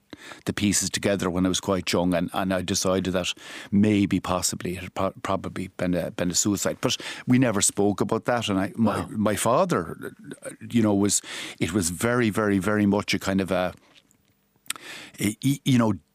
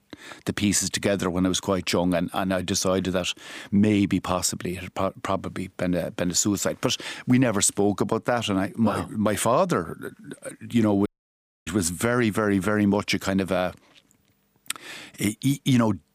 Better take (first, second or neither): first